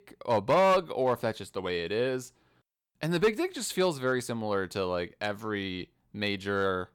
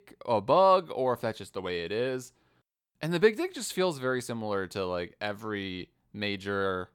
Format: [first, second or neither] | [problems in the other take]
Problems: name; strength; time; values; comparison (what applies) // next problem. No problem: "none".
second | distortion; slight; 2% of the sound clipped